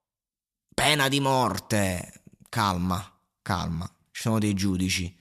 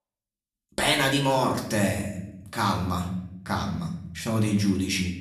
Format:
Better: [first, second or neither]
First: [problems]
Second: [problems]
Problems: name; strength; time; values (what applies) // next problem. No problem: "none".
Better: first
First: none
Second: room echo; slight; dies away in 0.8 s // off-mic speech; somewhat distant